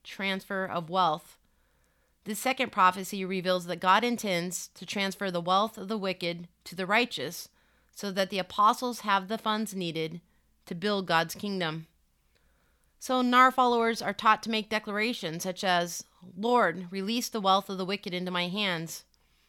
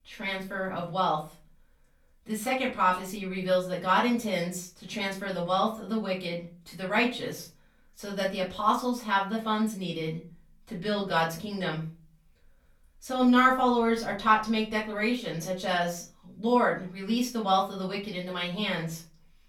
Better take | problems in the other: first | off-mic speech; far // room echo; slight; dies away in 0.3 s

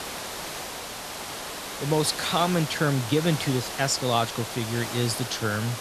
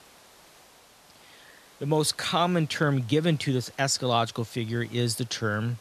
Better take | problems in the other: second | hiss; loud; throughout; 7 dB below the speech; faint in the second

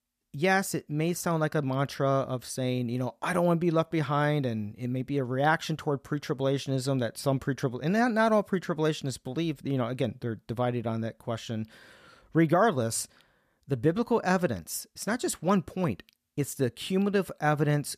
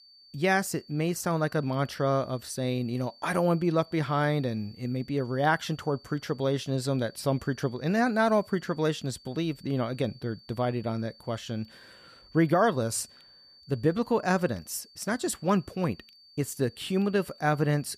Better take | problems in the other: first | high-pitched whine; faint; throughout; 4.5 kHz, 25 dB below the speech

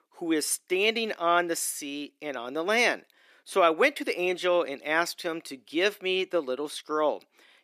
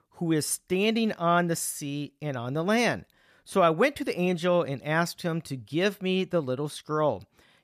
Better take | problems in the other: second | thin; somewhat; fading below 300 Hz

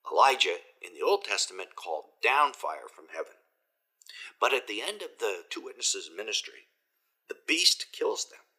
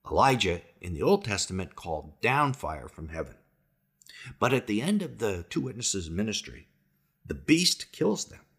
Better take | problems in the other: second | thin; very; fading below 400 Hz

